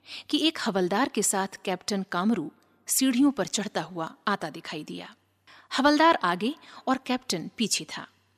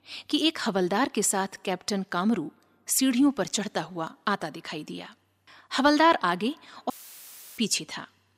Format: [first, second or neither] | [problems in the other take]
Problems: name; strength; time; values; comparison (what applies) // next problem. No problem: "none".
first | audio cutting out; filled with static; at 7 s for 0.5 s